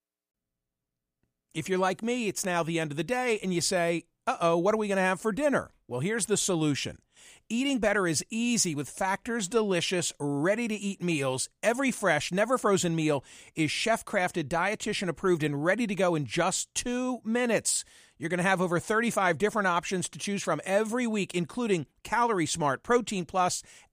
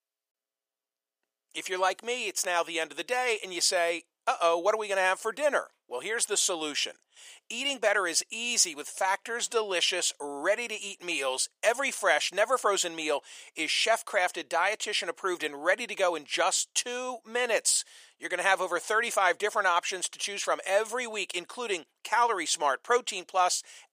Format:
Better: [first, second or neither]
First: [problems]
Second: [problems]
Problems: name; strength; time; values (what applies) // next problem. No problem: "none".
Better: first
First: none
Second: thin; very; fading below 500 Hz